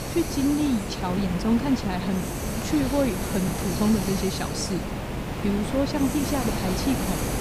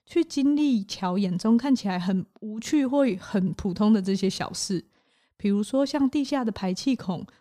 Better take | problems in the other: second | hiss; loud; throughout; 3 dB below the speech

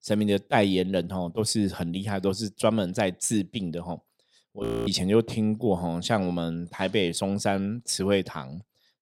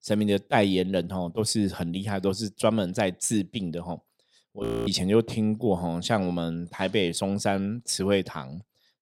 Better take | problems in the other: neither | audio freezing; at 4.5 s; the same in both

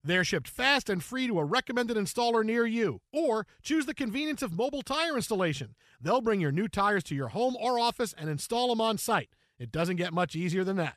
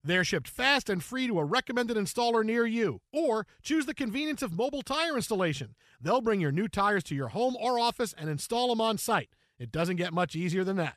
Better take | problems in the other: neither | none

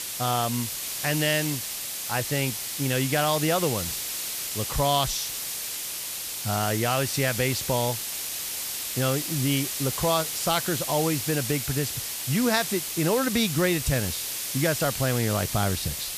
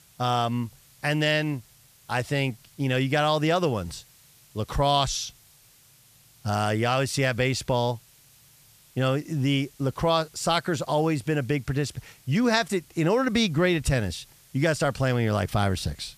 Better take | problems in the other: second | hiss; loud; throughout; 3 dB below the speech; faint in the second

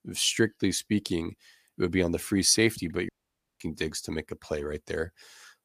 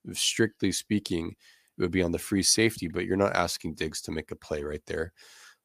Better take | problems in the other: second | audio cutting out; at 3 s for 0.5 s

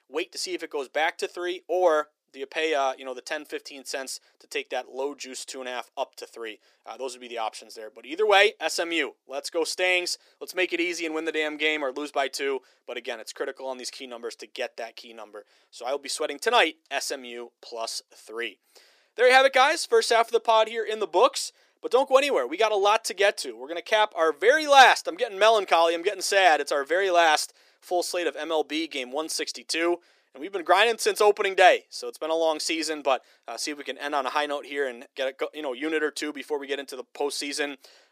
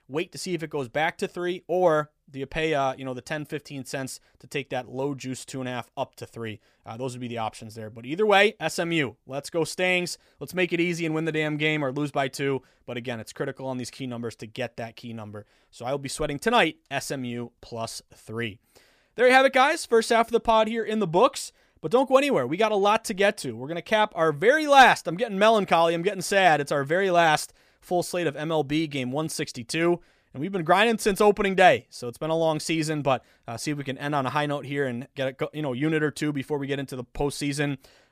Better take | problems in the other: second | thin; somewhat; fading below 350 Hz

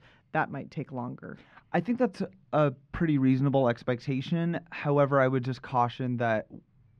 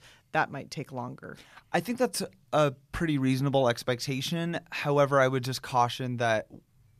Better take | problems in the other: second | muffled; slightly; fading above 2.5 kHz

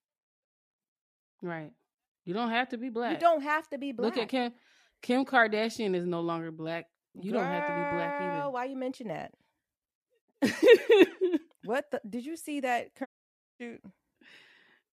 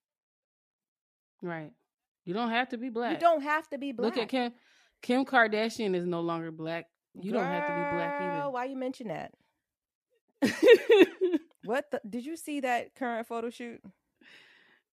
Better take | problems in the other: second | audio cutting out; at 13 s for 0.5 s

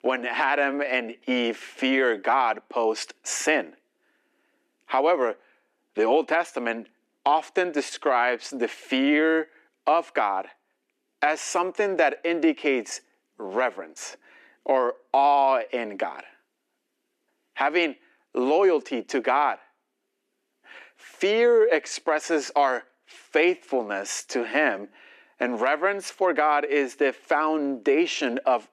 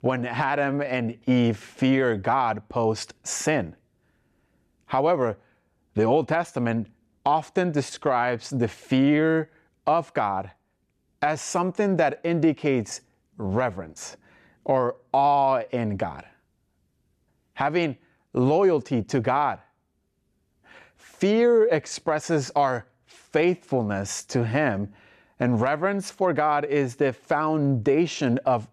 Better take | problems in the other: second | thin; very slightly; fading below 300 Hz

